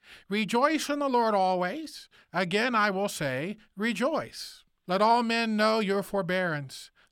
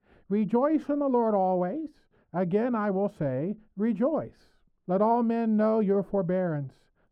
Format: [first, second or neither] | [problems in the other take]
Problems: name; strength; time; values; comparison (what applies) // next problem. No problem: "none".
first | muffled; very; fading above 1.5 kHz